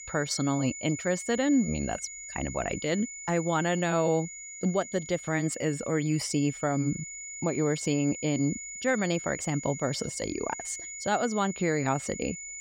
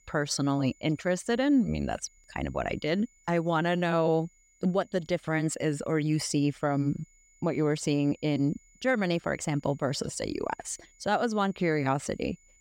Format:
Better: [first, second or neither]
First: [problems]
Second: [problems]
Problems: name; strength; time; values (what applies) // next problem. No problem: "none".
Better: second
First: high-pitched whine; loud; throughout; 7 kHz, 9 dB below the speech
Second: high-pitched whine; faint; throughout; 7 kHz, 30 dB below the speech